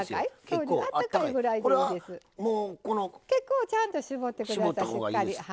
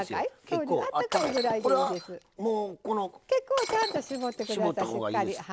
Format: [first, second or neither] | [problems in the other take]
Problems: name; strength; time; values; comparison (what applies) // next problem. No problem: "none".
first | background sound (Shatter); 10 dB below the speech